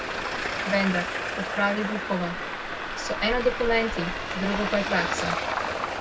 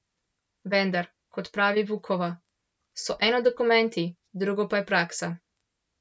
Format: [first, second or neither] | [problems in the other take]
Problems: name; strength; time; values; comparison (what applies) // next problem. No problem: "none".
second | background sound (Traffic noise, roadway noise); 1 dB below the speech // room echo; dies away in 0.4 s